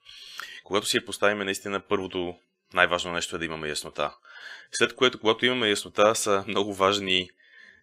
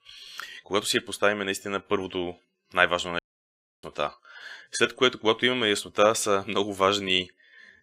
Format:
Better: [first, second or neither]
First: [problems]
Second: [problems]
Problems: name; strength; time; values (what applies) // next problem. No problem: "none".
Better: first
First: none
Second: audio cutting out; at 3 s for 0.5 s